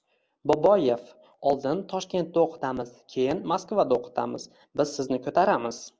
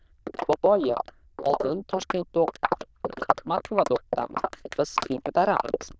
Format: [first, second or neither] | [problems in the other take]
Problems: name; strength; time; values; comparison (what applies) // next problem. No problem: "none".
first | noise reduction (neural diffusion model UNIVERSE++)